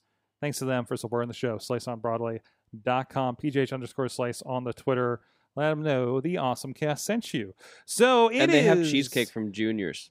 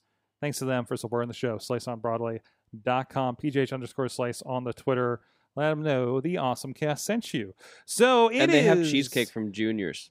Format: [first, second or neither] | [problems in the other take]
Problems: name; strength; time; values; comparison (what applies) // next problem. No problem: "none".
neither | none